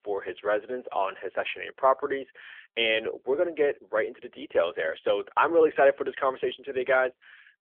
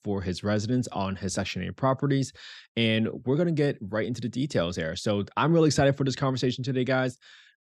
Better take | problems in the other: second | phone-call audio; nothing above 3.5 kHz

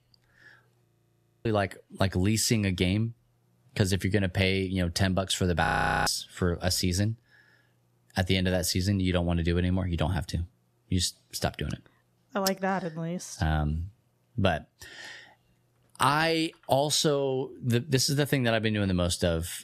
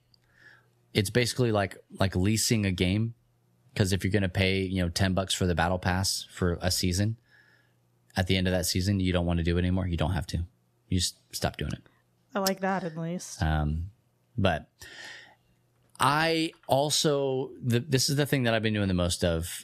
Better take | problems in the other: second | audio freezing; at 1 s for 0.5 s and at 5.5 s

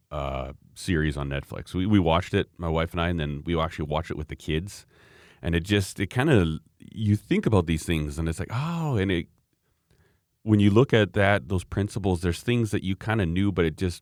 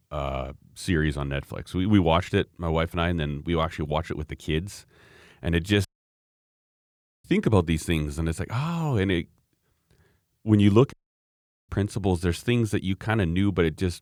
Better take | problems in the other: first | audio cutting out; at 6 s for 1.5 s and at 11 s for 1 s

